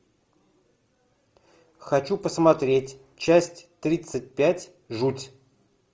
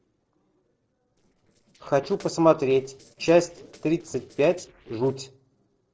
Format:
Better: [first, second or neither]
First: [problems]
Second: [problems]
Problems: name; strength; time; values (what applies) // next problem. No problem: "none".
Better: first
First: none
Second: noise reduction (neural separator model SepFormer DNS4)